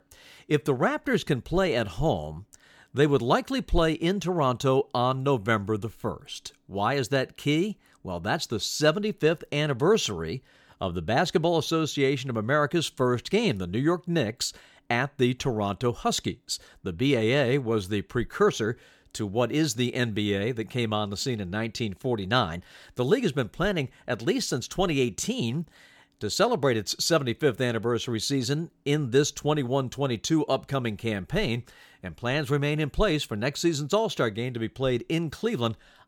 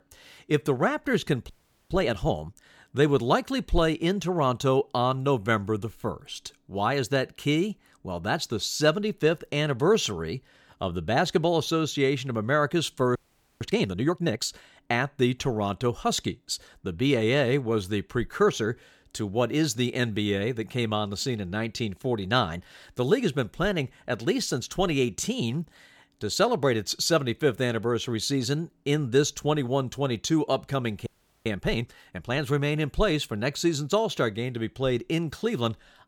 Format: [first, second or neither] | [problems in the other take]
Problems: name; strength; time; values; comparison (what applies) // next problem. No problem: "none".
first | audio freezing; at 1.5 s, at 13 s and at 31 s